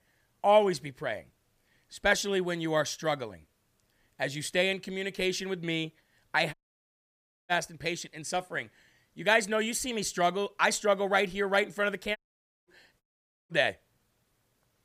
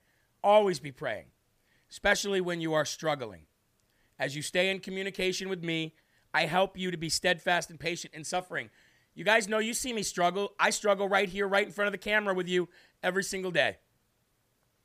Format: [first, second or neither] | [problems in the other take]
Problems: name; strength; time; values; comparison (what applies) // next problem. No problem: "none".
second | audio cutting out; at 6.5 s for 1 s, at 12 s for 0.5 s and at 13 s